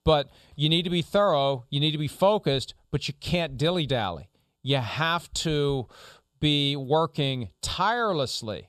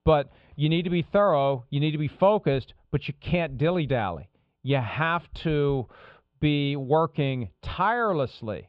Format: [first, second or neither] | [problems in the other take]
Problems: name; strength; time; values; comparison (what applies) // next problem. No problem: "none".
first | muffled; very; fading above 2.5 kHz